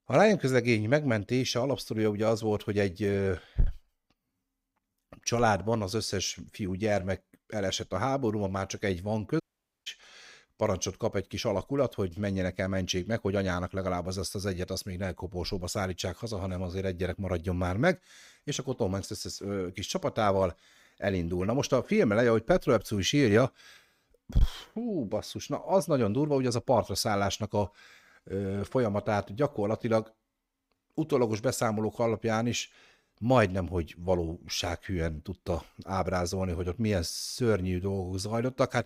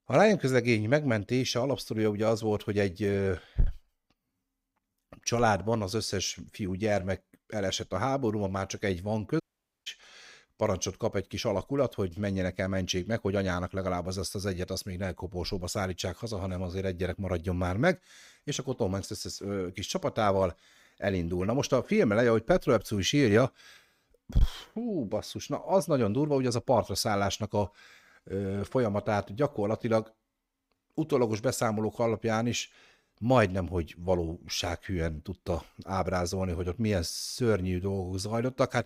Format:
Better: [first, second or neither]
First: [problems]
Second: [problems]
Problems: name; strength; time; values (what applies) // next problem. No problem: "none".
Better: neither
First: audio cutting out; at 9.5 s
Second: audio cutting out; at 9.5 s